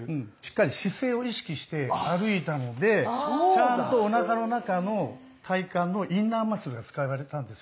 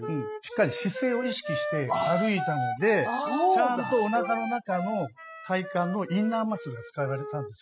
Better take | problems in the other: first | noise reduction (classical method spectral subtraction)

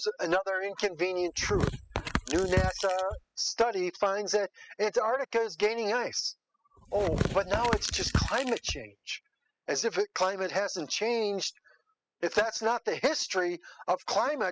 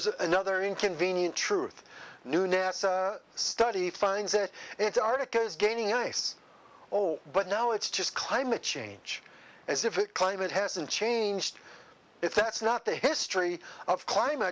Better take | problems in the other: second | noise reduction (classical method spectral subtraction)

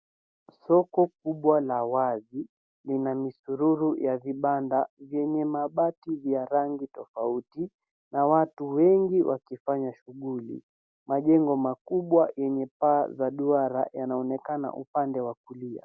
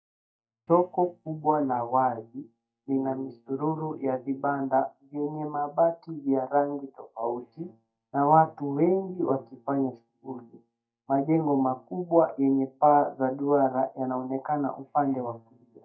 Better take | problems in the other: first | noise reduction (neural mask model DeepFilterNet 3)

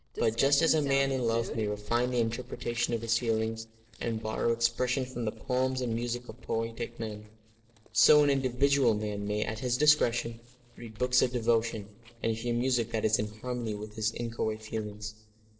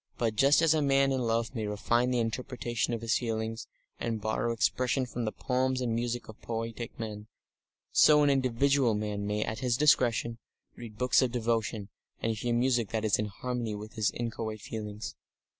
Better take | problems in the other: second | noise reduction (neural separator model SepFormer DNS4)

